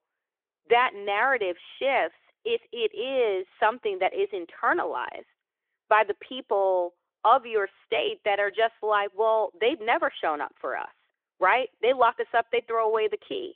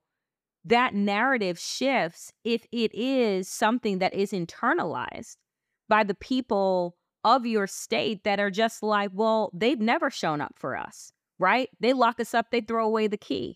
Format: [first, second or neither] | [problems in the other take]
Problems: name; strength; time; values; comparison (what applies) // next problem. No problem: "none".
second | phone-call audio; nothing above 3.5 kHz